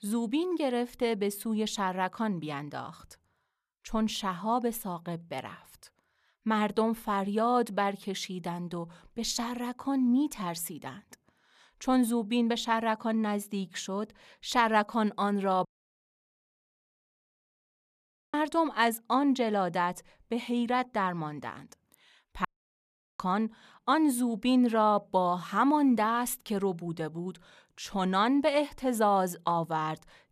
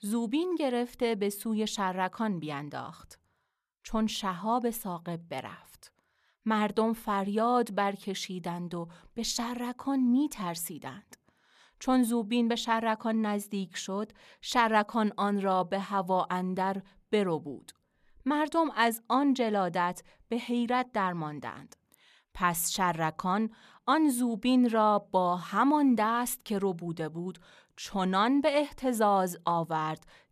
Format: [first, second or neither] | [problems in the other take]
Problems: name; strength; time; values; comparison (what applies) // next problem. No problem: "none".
second | audio cutting out; at 16 s for 2.5 s and at 22 s for 0.5 s